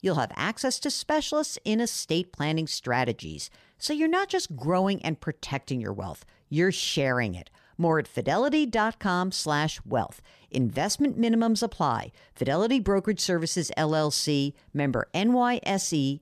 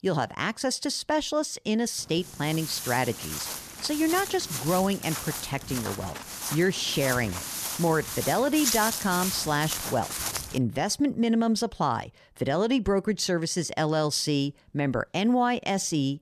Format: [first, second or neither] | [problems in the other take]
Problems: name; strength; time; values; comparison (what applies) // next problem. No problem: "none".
first | footsteps; loud; from 2 to 11 s; peak 2 dB above the speech